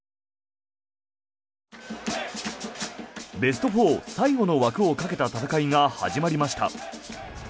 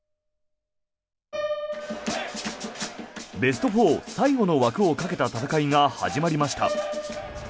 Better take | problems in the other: first | background sound (Piano); 12 dB below the speech

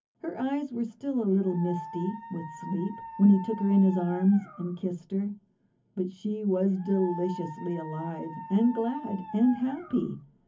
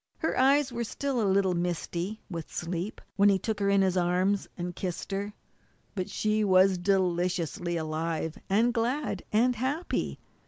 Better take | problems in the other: second | background sound (Dog); 15 dB below the speech // room echo; dies away in 0.3 s

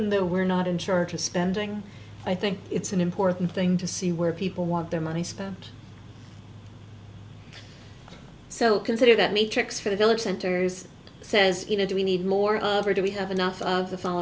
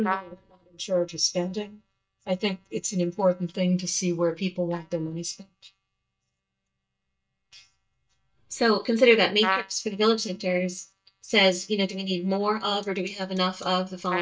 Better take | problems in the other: first | noise reduction (neural mask model DeepFilterNet 3)

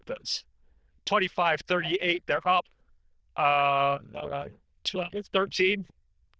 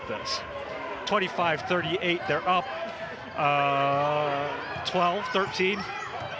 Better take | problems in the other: second | noise reduction (neural diffusion model UNIVERSE++)

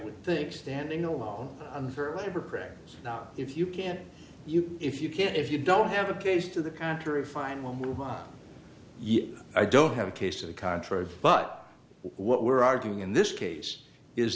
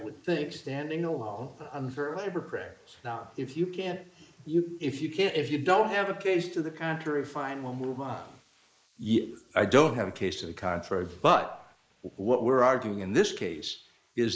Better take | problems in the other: first | noise reduction (neural mask model Resemble Enhance denoiser)

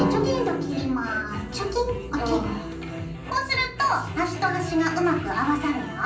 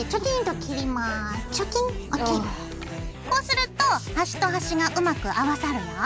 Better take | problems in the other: second | background sound (Drum); 9 dB below the speech // room echo; dies away in 0.6 s

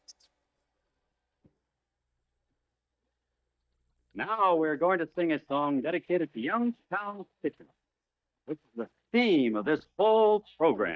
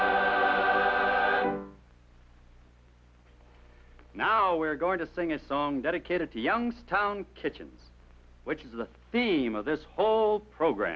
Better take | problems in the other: second | noise reduction (neural mask model DeepFilterNet 3)

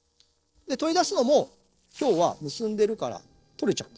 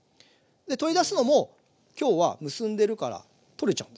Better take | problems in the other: second | noise reduction (neural separator model SepFormer DNS4)

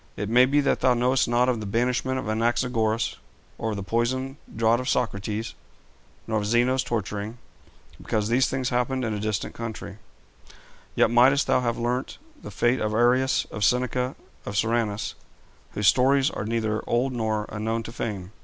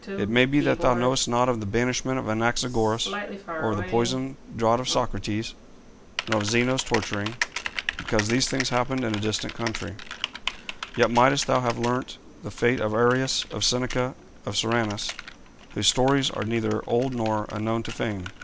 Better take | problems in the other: first | background sound (Typing); 11 dB below the speech

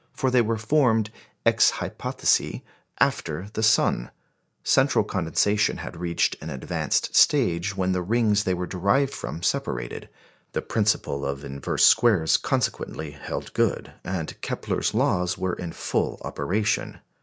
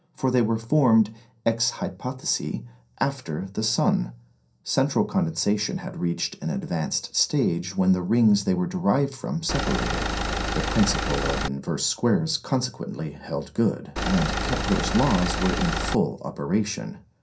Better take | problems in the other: first | background sound (Engine); 1 dB below the speech // room echo; dies away in 0.3 s

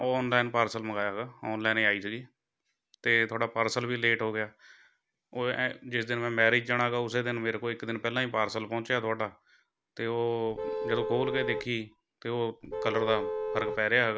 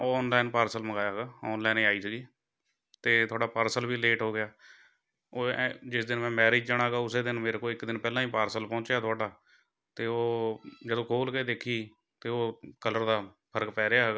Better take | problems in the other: second | background sound (Vehicle horn, car horn, honking); 4 dB below the speech

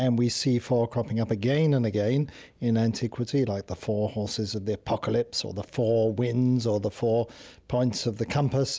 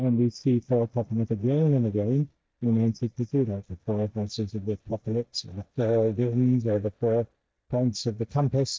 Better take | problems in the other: first | noise reduction (neural mask model DeepFilterNet 3)

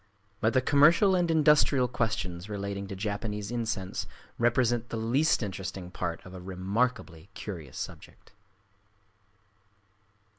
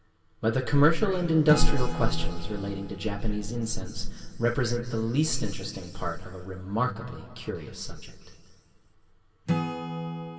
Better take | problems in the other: first | background sound (Acoustic guitar / Strum); 12 dB below the speech // room echo; dies away in 2.4 s

